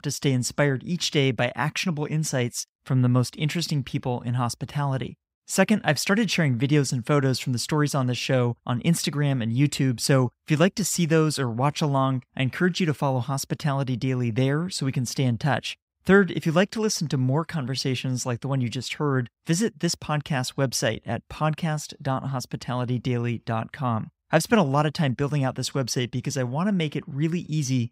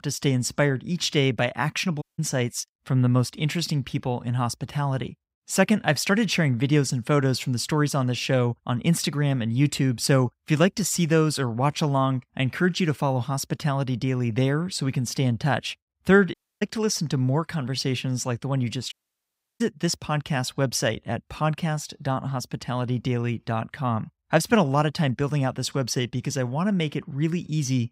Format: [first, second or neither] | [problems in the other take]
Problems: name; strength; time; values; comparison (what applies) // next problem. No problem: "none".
first | audio cutting out; at 2 s, at 16 s and at 19 s for 0.5 s